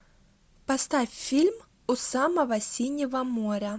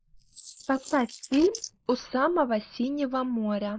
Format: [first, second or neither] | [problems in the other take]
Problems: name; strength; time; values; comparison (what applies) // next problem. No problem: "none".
first | noise reduction (neural mask model Resemble Enhance denoiser)